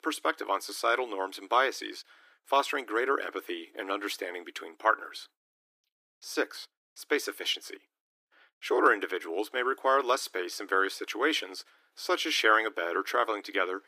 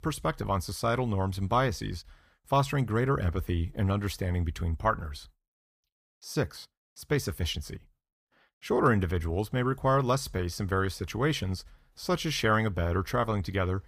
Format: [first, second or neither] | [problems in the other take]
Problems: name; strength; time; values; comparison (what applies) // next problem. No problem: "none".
second | thin; very; fading below 300 Hz